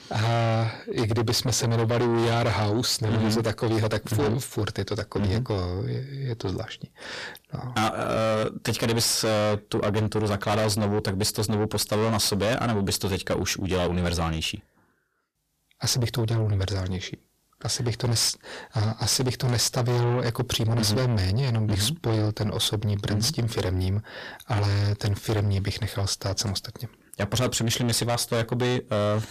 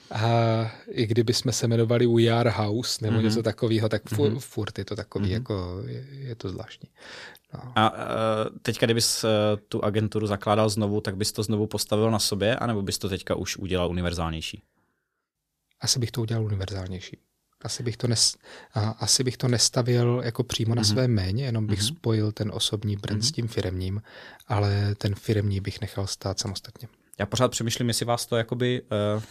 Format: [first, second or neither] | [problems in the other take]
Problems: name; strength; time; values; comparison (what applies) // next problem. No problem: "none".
second | distortion; heavy; 6 dB below the speech